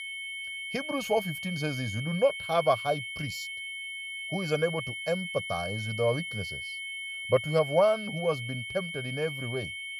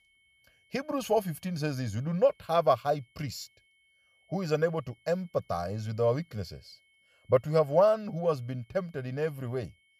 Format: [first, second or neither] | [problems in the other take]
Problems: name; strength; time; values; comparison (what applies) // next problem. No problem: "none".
second | high-pitched whine; loud; throughout; 2 kHz, 5 dB below the speech; faint in the second